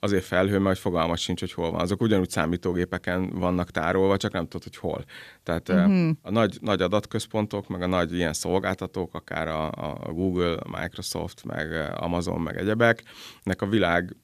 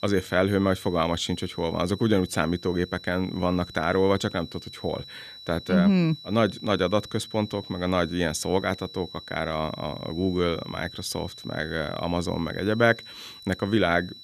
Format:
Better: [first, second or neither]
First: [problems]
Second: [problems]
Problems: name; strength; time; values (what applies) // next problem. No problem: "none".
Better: first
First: none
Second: high-pitched whine; noticeable; throughout; 4 kHz, 15 dB below the speech